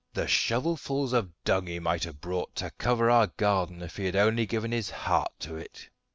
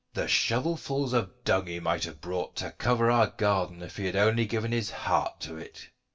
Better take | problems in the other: first | room echo; dies away in 0.2 s

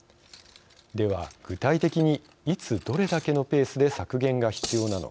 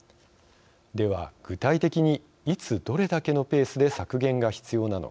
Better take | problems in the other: second | background sound (Cutlery, silverware); 18 dB below the speech

